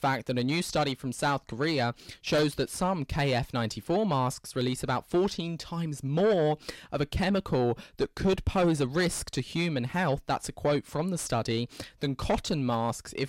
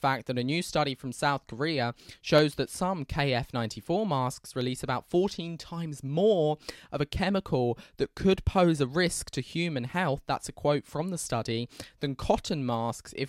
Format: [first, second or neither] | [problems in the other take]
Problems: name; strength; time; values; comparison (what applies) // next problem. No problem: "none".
second | distortion; slight; 10 dB below the speech